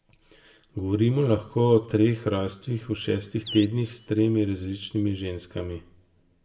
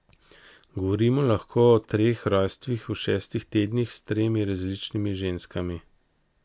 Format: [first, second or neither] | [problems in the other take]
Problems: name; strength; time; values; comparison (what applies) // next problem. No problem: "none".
second | background sound (Animal); 20 dB below the speech // room echo; dies away in 0.6 s